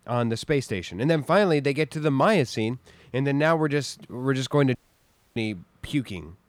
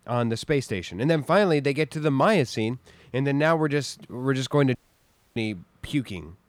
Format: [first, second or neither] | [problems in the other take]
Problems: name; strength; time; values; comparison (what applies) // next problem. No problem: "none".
neither | audio cutting out; at 5 s for 0.5 s; the same in both